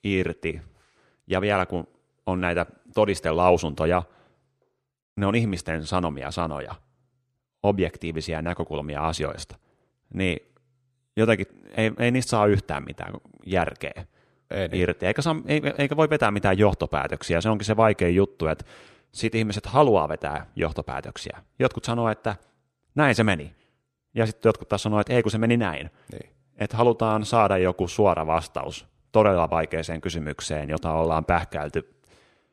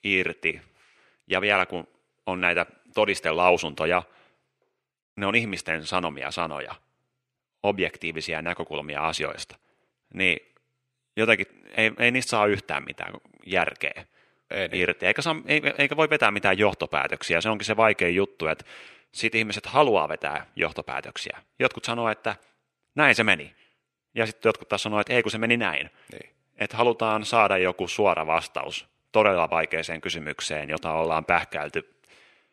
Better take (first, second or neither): first